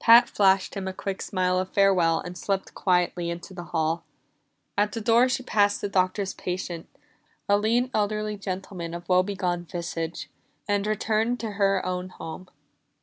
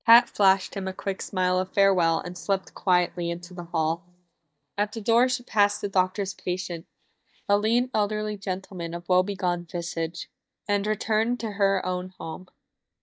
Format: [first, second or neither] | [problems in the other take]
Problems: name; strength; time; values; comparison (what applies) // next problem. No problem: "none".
first | noise reduction (neural mask model DeepFilterNet 3)